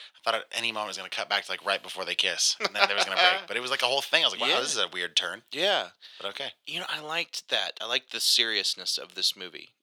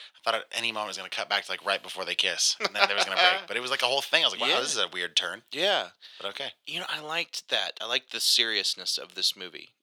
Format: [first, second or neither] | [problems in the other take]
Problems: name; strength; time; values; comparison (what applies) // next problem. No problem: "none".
neither | thin; very; fading below 600 Hz; the same in both